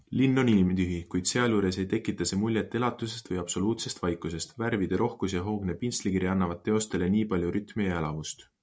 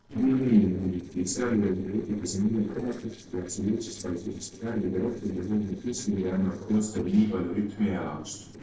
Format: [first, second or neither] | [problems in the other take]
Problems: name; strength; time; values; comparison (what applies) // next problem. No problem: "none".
first | noise reduction (neural separator model SepFormer DNS4)